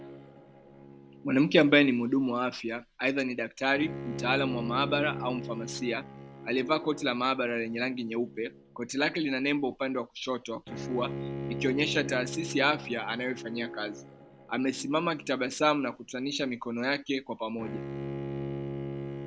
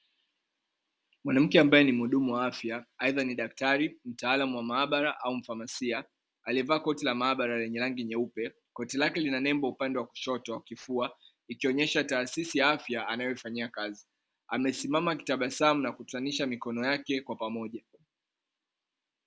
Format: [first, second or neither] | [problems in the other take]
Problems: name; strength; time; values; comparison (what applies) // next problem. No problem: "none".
second | background sound (Bowed string instrument); 10 dB below the speech